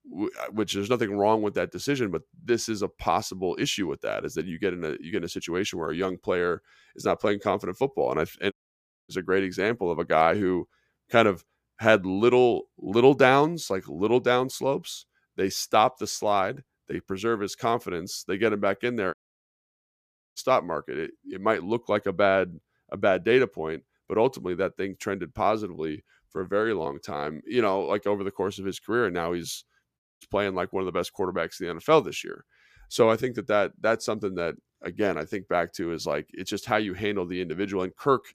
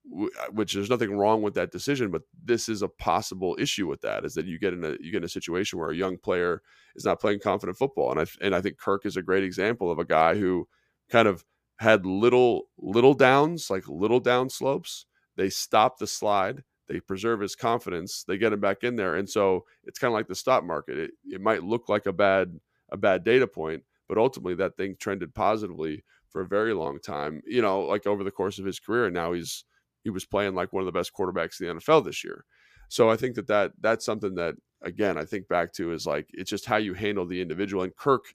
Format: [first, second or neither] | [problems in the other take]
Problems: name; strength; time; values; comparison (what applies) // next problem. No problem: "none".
second | audio cutting out; at 8.5 s for 0.5 s, at 19 s for 1 s and at 30 s